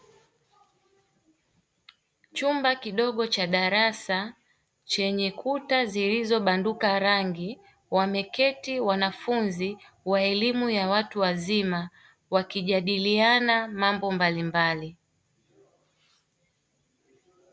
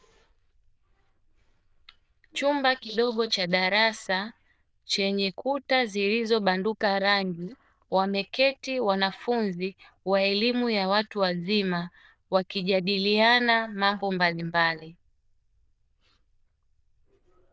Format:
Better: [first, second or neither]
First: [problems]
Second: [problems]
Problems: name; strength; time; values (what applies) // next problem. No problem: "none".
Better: first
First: none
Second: noise reduction (neural diffusion model UNIVERSE++)